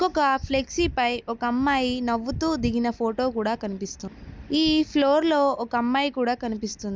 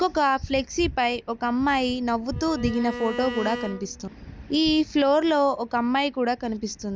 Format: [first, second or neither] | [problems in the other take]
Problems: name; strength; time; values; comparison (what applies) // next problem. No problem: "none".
first | background sound (Bowed string instrument); 12 dB below the speech